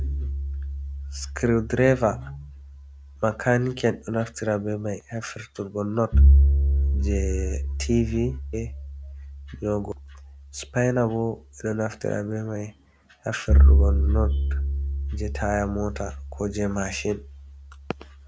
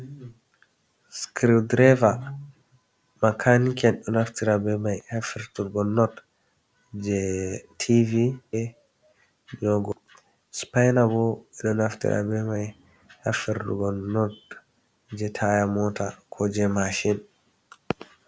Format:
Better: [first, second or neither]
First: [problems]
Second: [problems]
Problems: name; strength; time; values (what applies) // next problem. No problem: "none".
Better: second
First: background sound (Bowed string instrument); 3 dB above the speech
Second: none